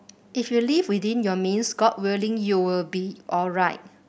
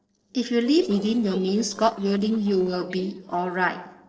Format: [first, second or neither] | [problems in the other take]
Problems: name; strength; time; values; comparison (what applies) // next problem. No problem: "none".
first | noise reduction (neural separator model SepFormer DNS4)